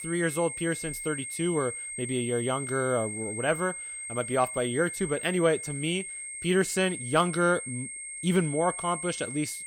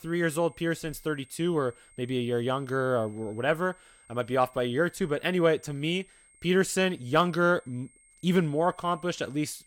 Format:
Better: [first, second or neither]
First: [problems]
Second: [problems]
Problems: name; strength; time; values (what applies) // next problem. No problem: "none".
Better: second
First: high-pitched whine; loud; throughout; 8.5 kHz, 6 dB below the speech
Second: high-pitched whine; faint; throughout; 8.5 kHz, 30 dB below the speech